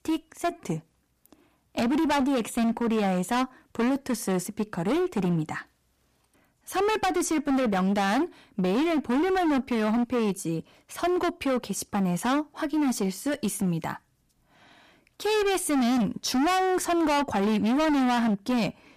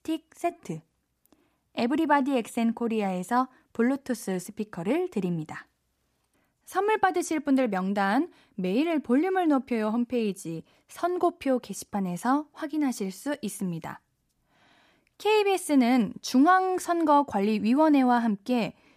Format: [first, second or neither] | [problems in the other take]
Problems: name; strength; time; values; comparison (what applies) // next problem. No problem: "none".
second | distortion; heavy; 23% of the sound clipped